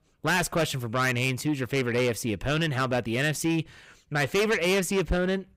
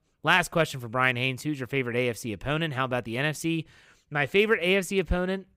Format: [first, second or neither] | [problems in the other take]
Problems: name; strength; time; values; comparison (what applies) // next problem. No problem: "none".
second | distortion; heavy; 6 dB below the speech